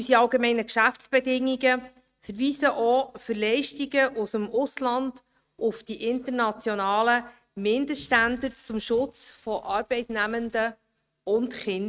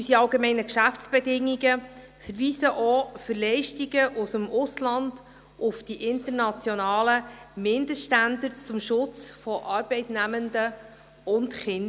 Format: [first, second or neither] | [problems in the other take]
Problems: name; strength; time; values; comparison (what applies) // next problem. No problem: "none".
second | noise reduction (neural mask model RNNoise)